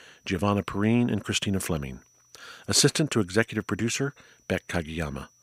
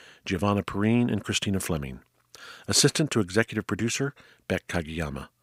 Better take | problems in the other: second | high-pitched whine; faint; throughout; 6 kHz, 35 dB below the speech

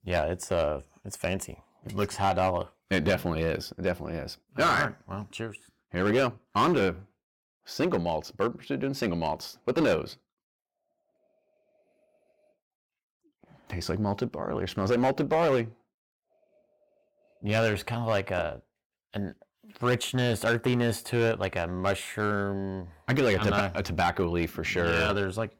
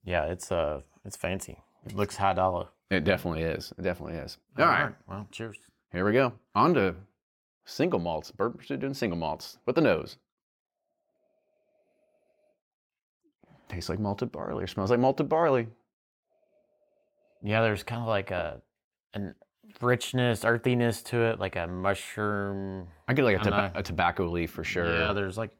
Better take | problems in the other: second | distortion; slight; 4% of the sound clipped

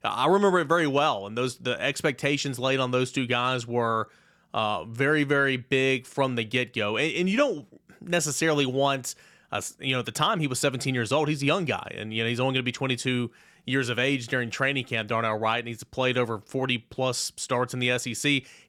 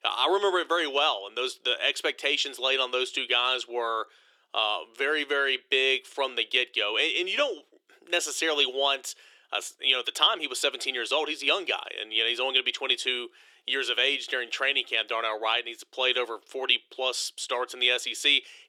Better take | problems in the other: first | thin; very; fading below 350 Hz

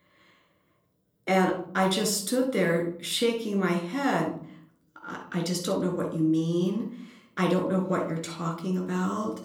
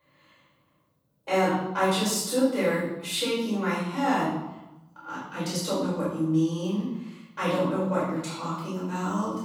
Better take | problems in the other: first | room echo; strong; dies away in 0.9 s; slight in the first // off-mic speech; far; somewhat distant in the first

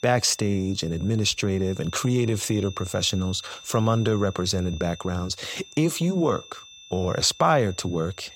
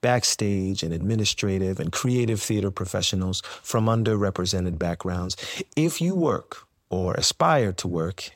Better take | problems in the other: second | high-pitched whine; noticeable; throughout; 3.5 kHz, 20 dB below the speech

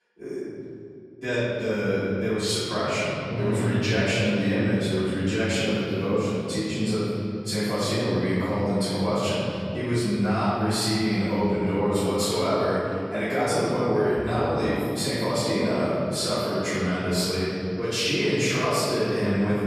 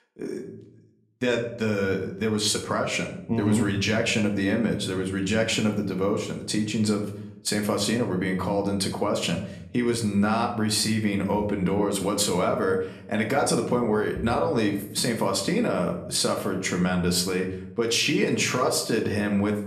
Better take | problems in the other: second | room echo; strong; dies away in 2.5 s; slight in the second // off-mic speech; far; somewhat distant in the second

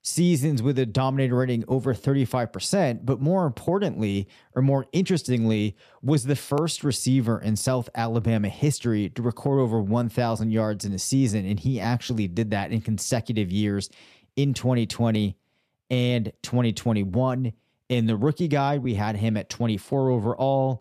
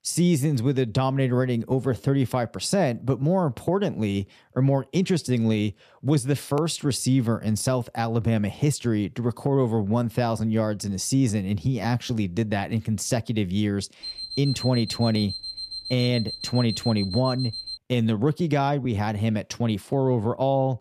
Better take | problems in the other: first | alarm; noticeable; from 14 to 18 s; peak 7 dB below the speech

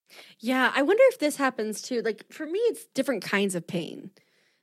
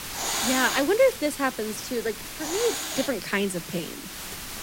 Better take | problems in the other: first | hiss; loud; throughout; 4 dB below the speech

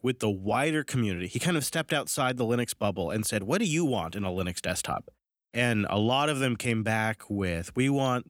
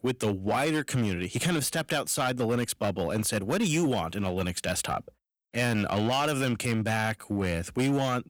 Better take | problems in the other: first | distortion; slight; 9% of the sound clipped

